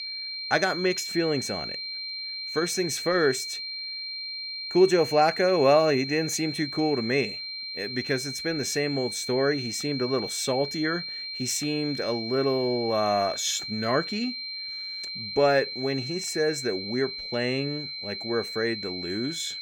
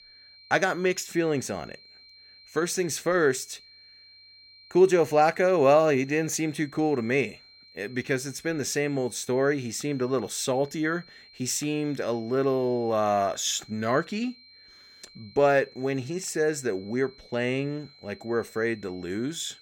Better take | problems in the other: second | high-pitched whine; loud; throughout; 4 kHz, 6 dB below the speech; faint in the second

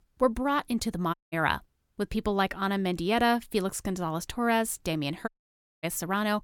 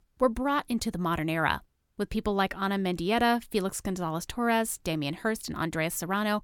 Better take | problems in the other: second | audio cutting out; at 1 s and at 5.5 s for 0.5 s

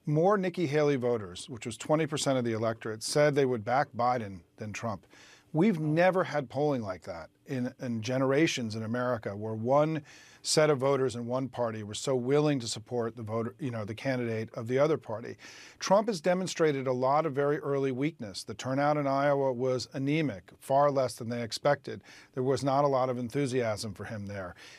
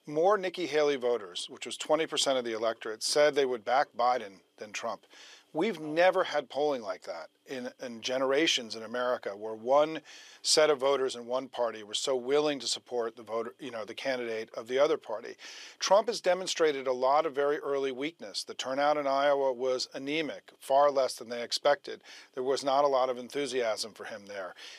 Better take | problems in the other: first | thin; somewhat; fading below 450 Hz

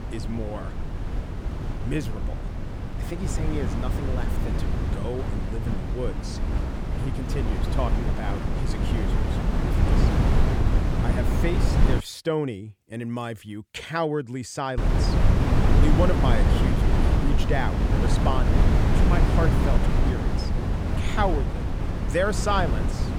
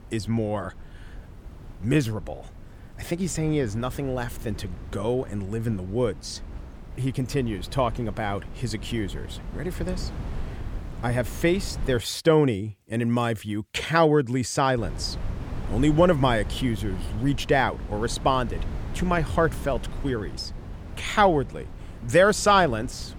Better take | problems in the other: second | wind noise on the microphone; heavy; until 12 s and from 15 s on; 2 dB below the speech; occasional gusts in the second

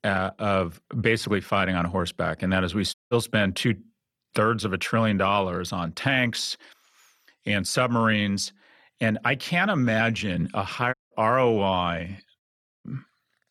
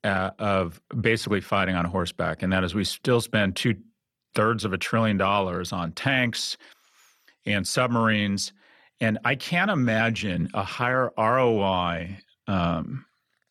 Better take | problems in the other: second | audio cutting out; at 3 s, at 11 s and at 12 s

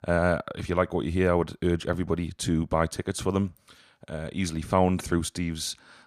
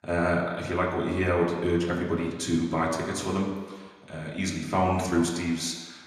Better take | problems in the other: first | room echo; noticeable; dies away in 1.3 s // off-mic speech; somewhat distant

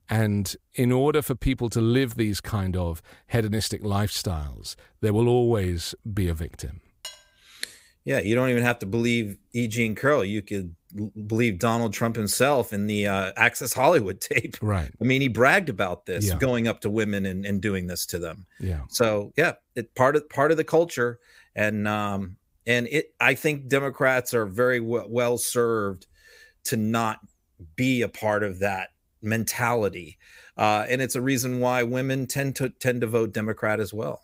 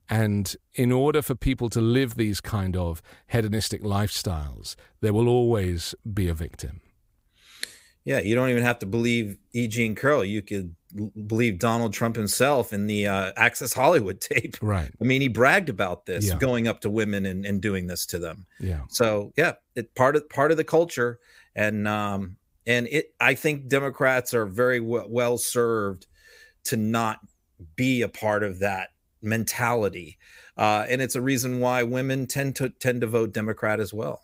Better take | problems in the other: second | clattering dishes; faint; at 7 s; peak 15 dB below the speech

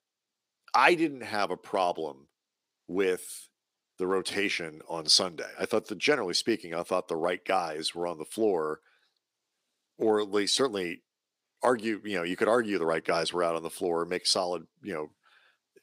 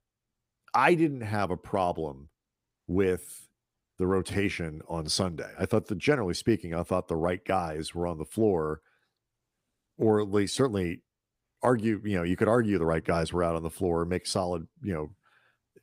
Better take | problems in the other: second | thin; somewhat; fading below 300 Hz

